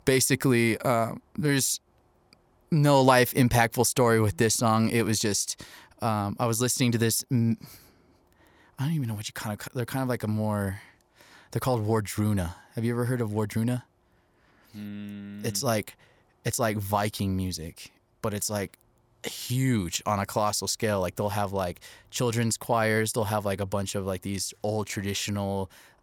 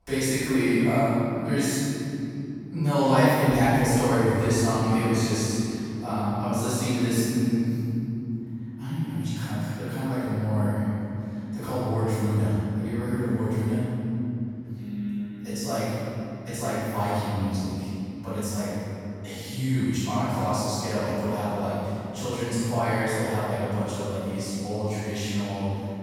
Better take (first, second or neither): first